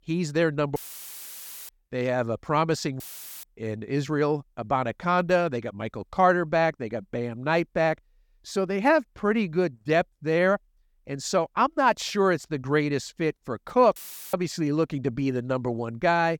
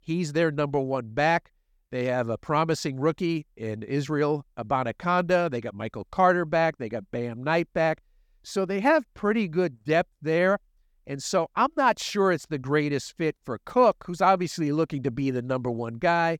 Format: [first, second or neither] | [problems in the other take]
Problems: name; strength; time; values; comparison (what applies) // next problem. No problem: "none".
second | audio cutting out; filled with static; at 1 s for 1 s, at 3 s and at 14 s